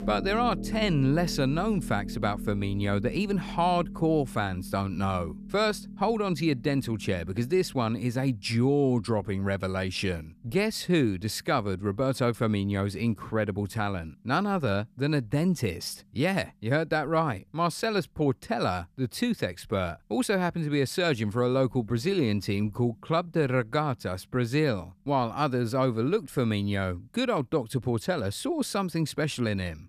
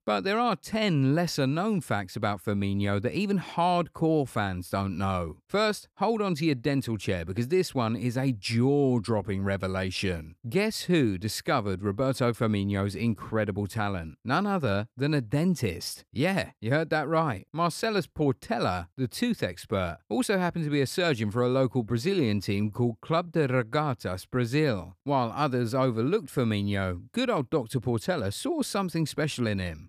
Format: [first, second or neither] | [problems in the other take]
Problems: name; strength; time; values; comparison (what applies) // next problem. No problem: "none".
second | background music; noticeable; throughout; 10 dB below the speech